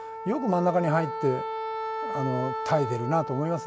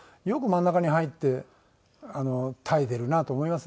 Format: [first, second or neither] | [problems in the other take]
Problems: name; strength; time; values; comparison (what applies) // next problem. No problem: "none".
second | background sound (Wind instrument, woodwind instrument); 5 dB below the speech